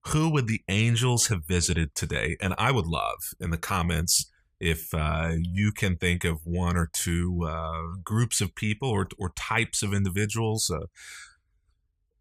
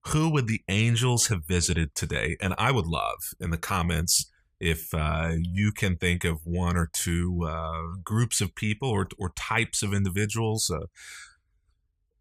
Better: neither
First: none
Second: none

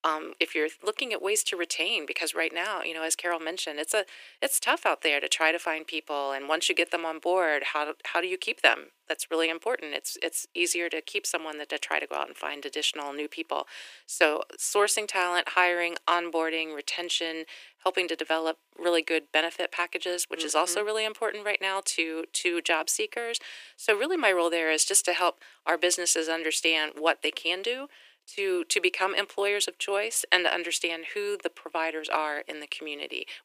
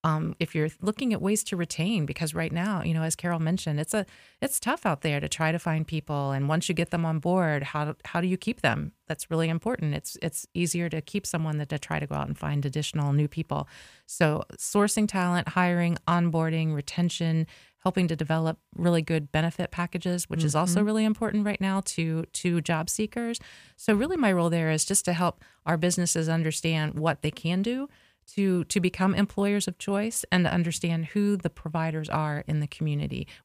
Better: second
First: thin; very; fading below 300 Hz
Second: none

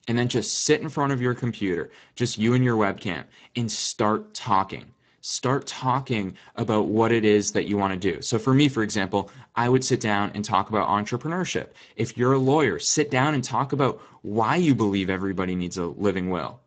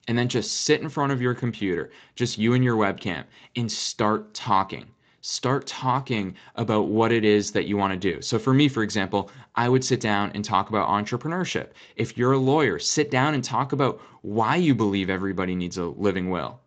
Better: second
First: garbled, watery; badly; nothing above 7.5 kHz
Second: garbled, watery; slightly; nothing above 7.5 kHz

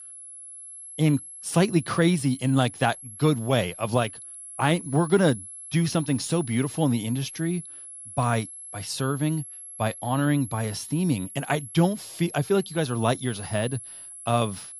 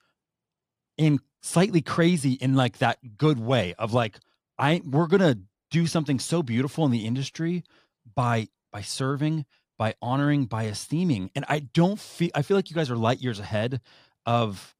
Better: second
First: high-pitched whine; noticeable; throughout; 11 kHz, 15 dB below the speech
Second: none

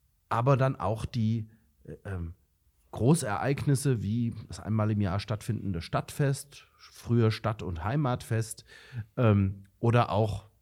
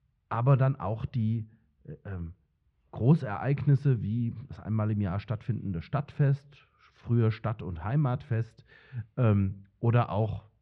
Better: first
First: none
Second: muffled; slightly; fading above 3 kHz

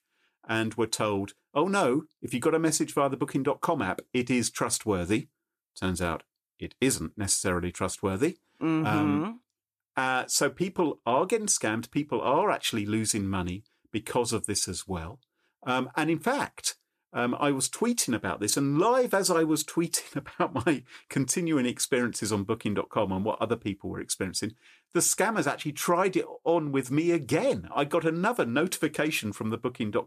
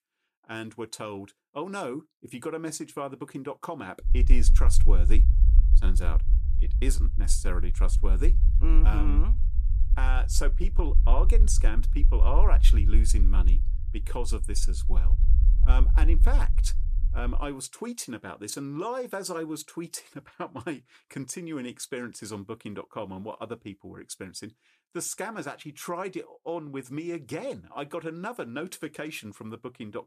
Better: first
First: none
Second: low rumble; noticeable; from 4 to 17 s; 10 dB below the speech

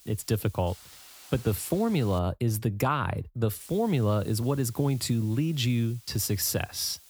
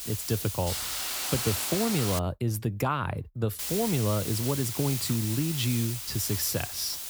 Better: first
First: hiss; faint; until 2 s and from 3.5 s on; 20 dB below the speech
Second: hiss; loud; until 2 s and from 3.5 s on; 2 dB below the speech

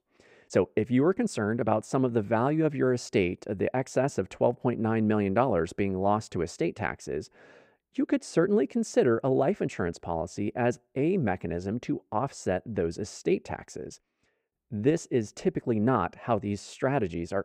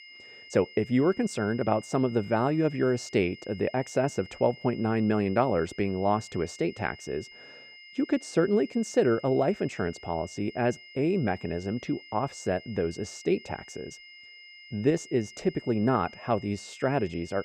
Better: first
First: none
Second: high-pitched whine; noticeable; throughout; 2 kHz, 20 dB below the speech

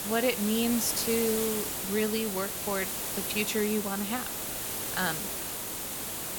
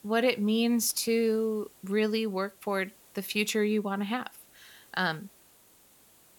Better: second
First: hiss; loud; throughout; 1 dB below the speech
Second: hiss; faint; throughout; 25 dB below the speech

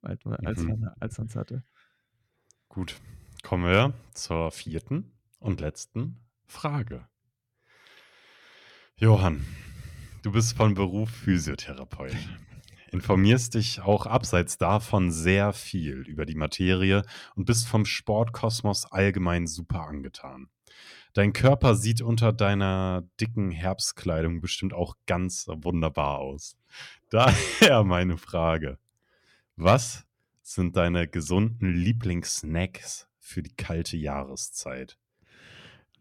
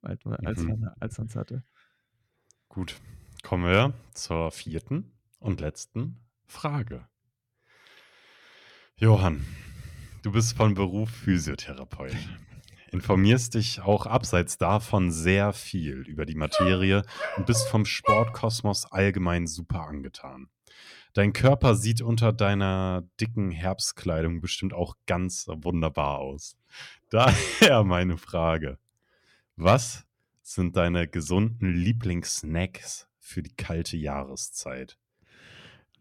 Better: first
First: none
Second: dog barking; loud; from 17 to 18 s; peak 2 dB above the speech

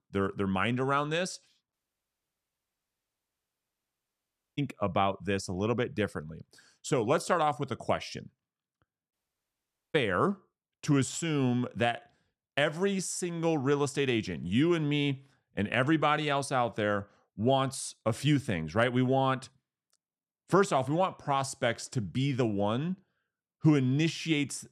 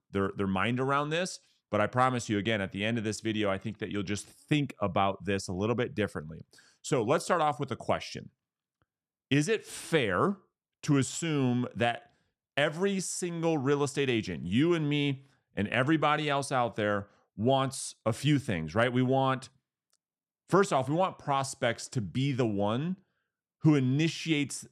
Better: second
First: audio cutting out; at 1.5 s for 3 s and at 9 s for 1 s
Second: none

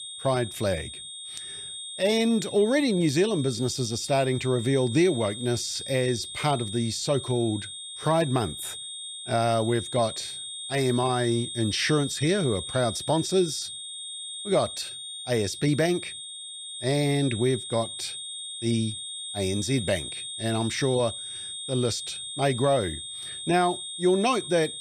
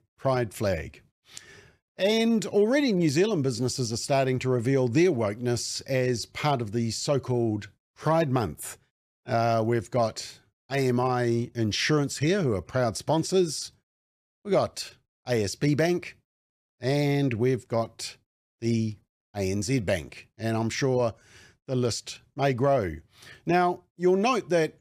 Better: second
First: high-pitched whine; loud; throughout; 3.5 kHz, 8 dB below the speech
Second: none

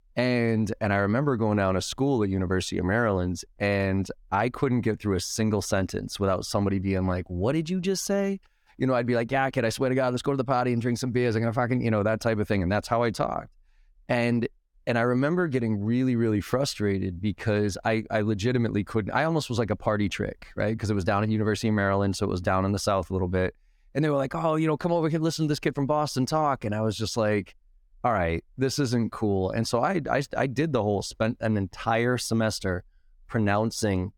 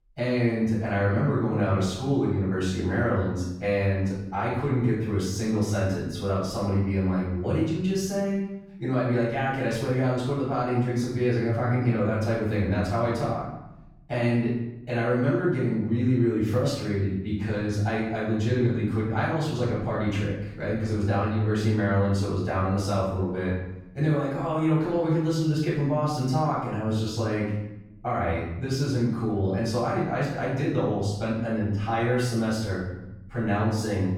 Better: first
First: none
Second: off-mic speech; far // room echo; noticeable; dies away in 0.9 s

